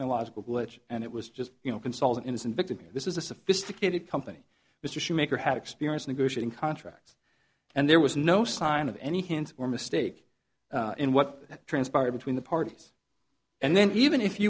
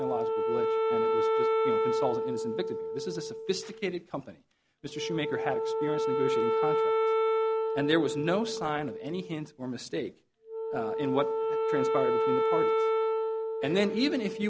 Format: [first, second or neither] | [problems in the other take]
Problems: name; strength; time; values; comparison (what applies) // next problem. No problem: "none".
first | background sound (Wind instrument, woodwind instrument); 4 dB above the speech